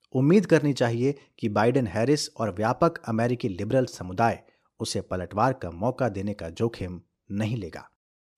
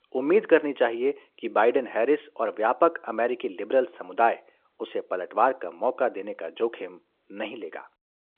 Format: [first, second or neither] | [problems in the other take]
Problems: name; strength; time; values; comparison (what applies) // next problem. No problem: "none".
first | phone-call audio